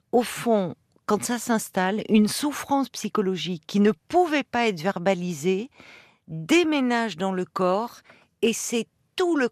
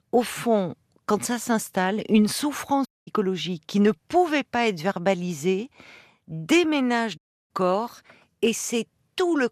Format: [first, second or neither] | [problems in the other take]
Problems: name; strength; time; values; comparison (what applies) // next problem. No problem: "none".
first | audio cutting out; at 3 s and at 7 s